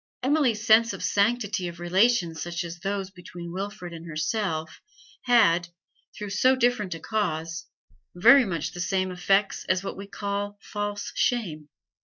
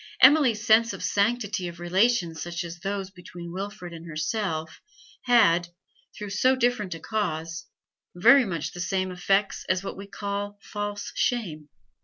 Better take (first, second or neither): second